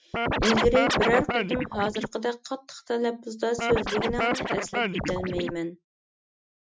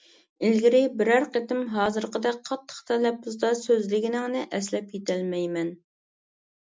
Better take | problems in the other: second | noise reduction (neural mask model RNNoise)

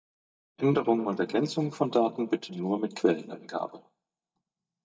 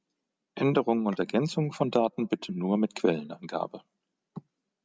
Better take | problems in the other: second | noise reduction (neural mask model DeepFilterNet 3)

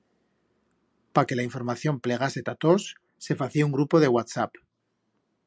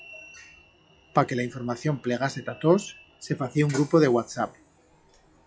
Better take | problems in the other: first | noise reduction (classical method log-MMSE)

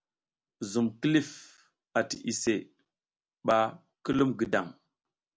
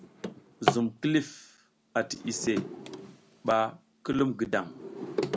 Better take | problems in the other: first | background sound (Drawer open or close); 5 dB below the speech

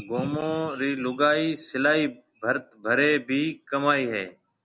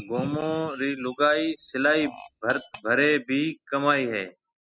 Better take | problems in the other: first | noise reduction (classical method spectral subtraction)

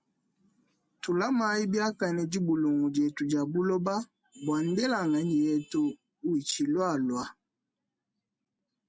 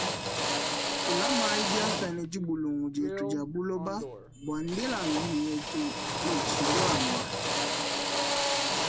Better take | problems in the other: first | background sound (Drill); 3 dB above the speech

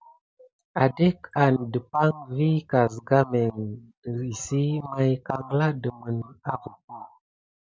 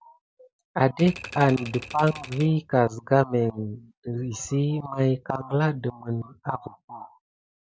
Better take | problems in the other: first | background sound (Typewriter); 15 dB below the speech

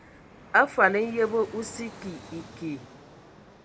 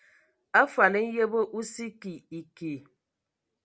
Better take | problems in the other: second | background sound (Fixed-wing aircraft, airplane); 18 dB below the speech

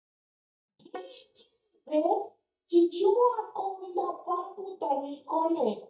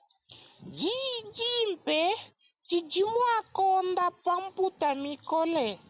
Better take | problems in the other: second | noise reduction (neural mask model DeepFilterNet 3)

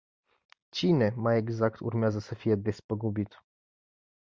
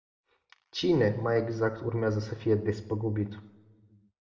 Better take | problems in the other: first | room echo; dies away in 0.7 s

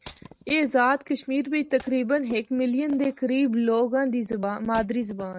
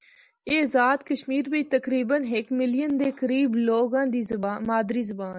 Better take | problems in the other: second | noise reduction (neural mask model RNNoise)

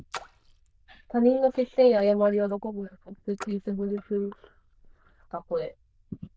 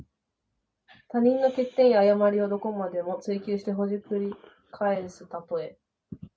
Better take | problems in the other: second | noise reduction (neural diffusion model UNIVERSE++)

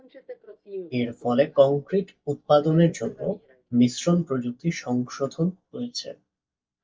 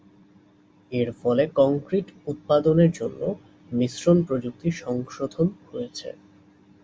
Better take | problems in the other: second | noise reduction (neural mask model DeepFilterNet 3)

